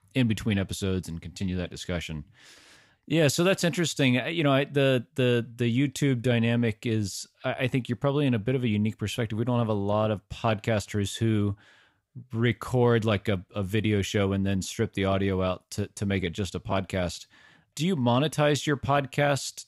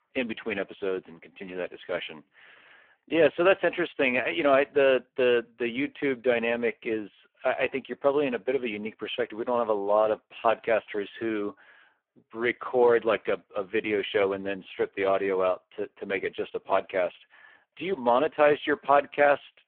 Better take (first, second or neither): first